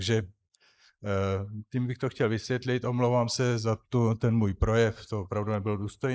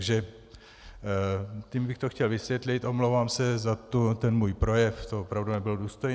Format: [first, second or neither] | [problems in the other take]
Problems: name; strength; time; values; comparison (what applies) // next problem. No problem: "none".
second | noise reduction (neural mask model Resemble Enhance denoiser)